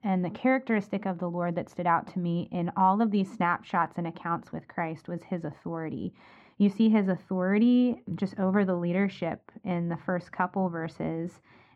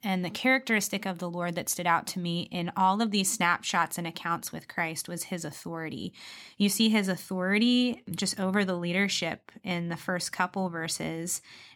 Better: second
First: muffled; very; fading above 3.5 kHz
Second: none

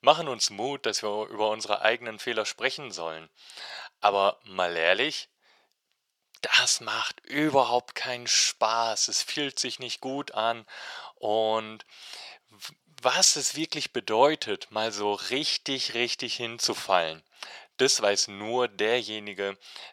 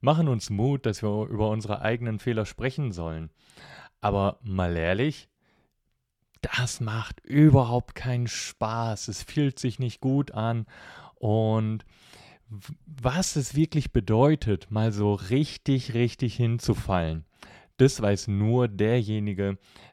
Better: second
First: thin; very; fading below 650 Hz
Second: none

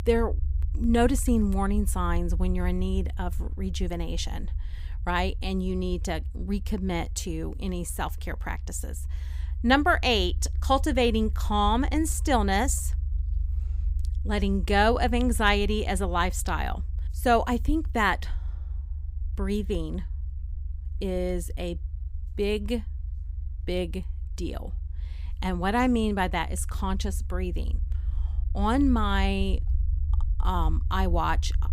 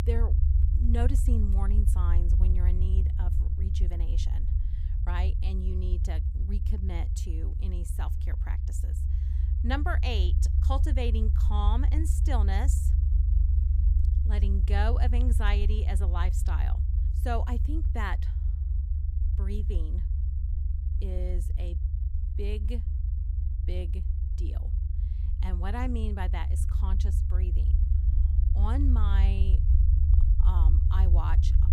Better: first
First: low rumble; faint; throughout; 25 dB below the speech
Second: low rumble; loud; throughout; 7 dB below the speech

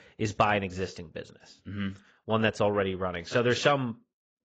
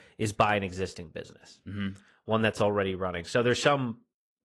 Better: second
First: garbled, watery; badly; nothing above 7.5 kHz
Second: garbled, watery; slightly; nothing above 11 kHz

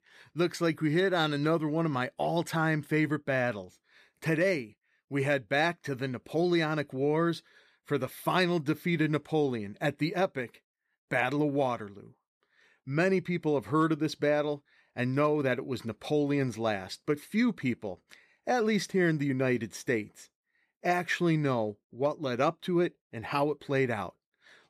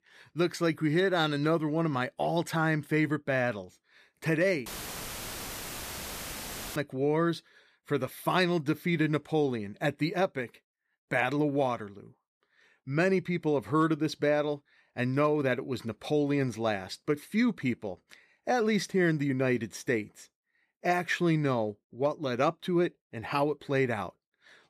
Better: first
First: none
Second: audio cutting out; filled with static; at 4.5 s for 2 s

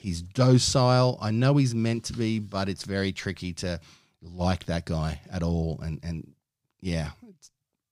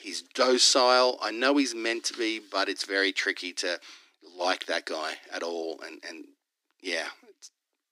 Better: first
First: none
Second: thin; somewhat; fading below 300 Hz

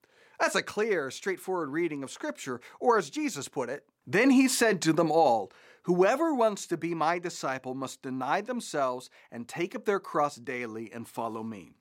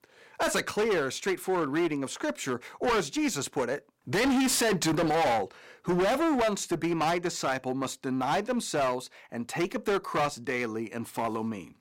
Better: first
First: none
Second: distortion; heavy; 16% of the sound clipped

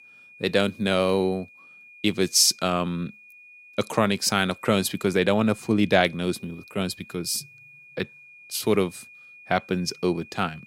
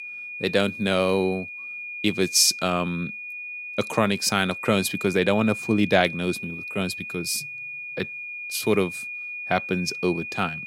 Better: first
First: high-pitched whine; faint; throughout; 2.5 kHz, 25 dB below the speech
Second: high-pitched whine; loud; throughout; 2.5 kHz, 9 dB below the speech

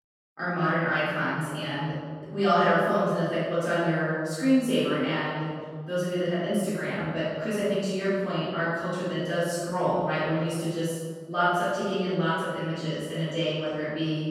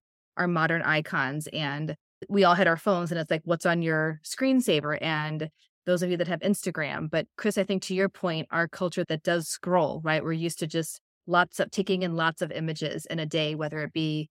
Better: second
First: room echo; strong; dies away in 1.5 s // off-mic speech; far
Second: none

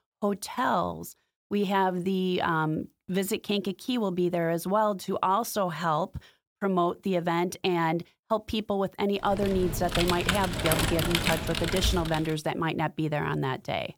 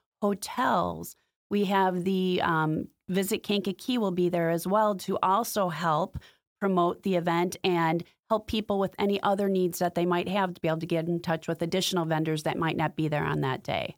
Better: second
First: keyboard typing; loud; from 9.5 to 12 s; peak 2 dB above the speech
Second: none

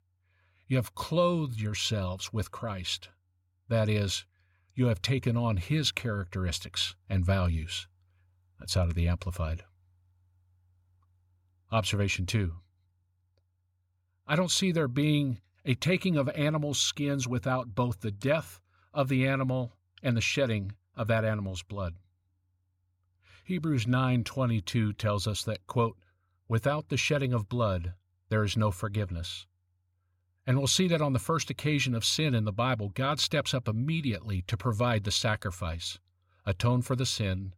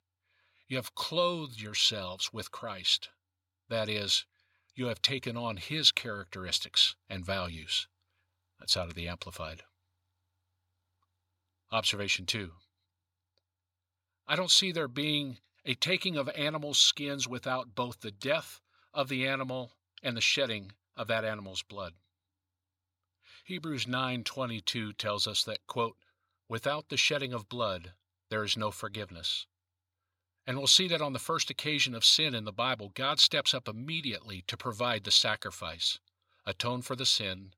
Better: first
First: none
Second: thin; somewhat; fading below 450 Hz

